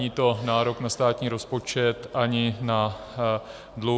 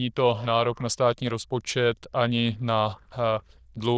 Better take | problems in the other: first | noise reduction (neural diffusion model UNIVERSE++)

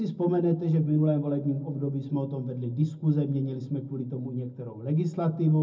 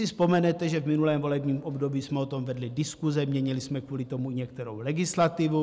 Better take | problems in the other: second | room echo; dies away in 0.4 s

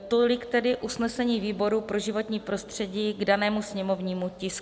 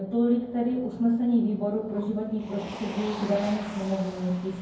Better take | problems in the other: first | background sound (Motor vehicle (road)); 16 dB below the speech // room echo; dies away in 0.9 s

